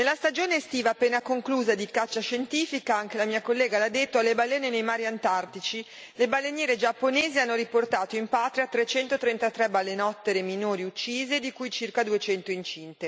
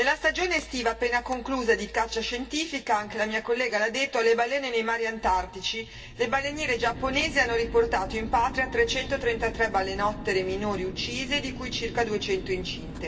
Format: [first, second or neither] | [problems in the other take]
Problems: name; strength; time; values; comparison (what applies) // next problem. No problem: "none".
first | background sound (Mechanical fan); 12 dB below the speech // room echo; dies away in 0.2 s